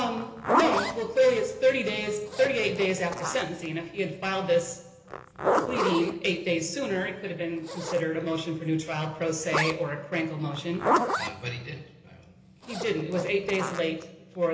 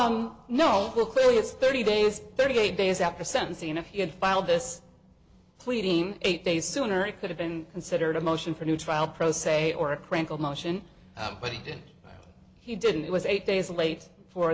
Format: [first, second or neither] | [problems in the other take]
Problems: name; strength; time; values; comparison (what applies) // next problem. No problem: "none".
second | background sound (Zipper (clothing)); 5 dB below the speech // room echo; dies away in 1.4 s